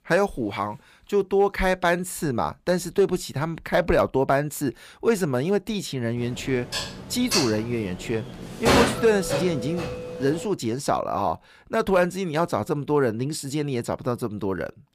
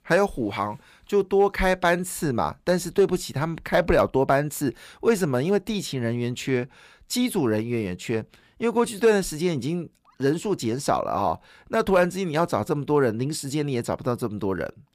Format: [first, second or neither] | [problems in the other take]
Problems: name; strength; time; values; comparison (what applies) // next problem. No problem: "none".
second | clattering dishes; loud; from 6.5 to 10 s; peak 6 dB above the speech